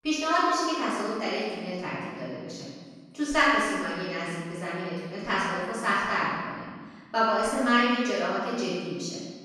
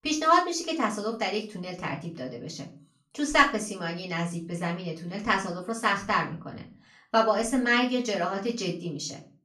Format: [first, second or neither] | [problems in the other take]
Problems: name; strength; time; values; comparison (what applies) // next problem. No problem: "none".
second | room echo; strong; dies away in 1.5 s; slight in the second // off-mic speech; far; far in the second